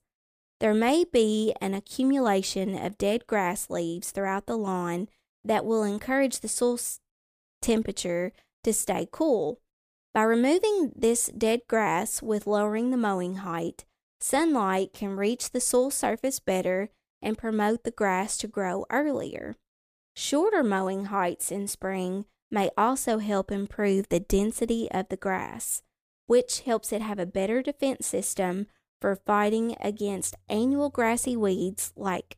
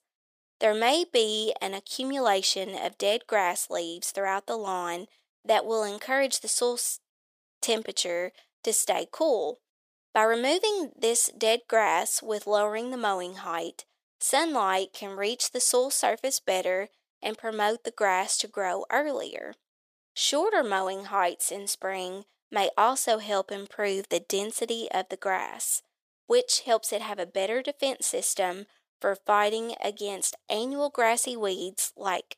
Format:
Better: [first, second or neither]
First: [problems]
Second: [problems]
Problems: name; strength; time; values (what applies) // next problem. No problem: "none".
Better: first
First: none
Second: thin; somewhat; fading below 500 Hz